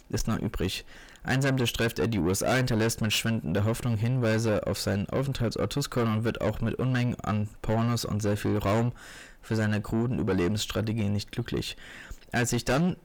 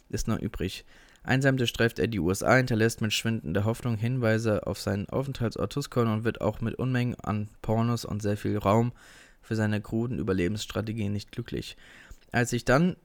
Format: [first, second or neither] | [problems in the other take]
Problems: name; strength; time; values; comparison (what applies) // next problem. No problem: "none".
second | distortion; heavy; 7 dB below the speech